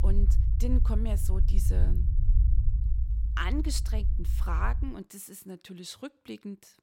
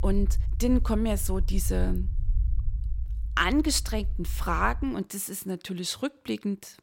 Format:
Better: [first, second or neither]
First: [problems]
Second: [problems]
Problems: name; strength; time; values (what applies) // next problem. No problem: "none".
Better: second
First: low rumble; loud; until 5 s; 9 dB below the speech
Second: low rumble; faint; until 5 s; 20 dB below the speech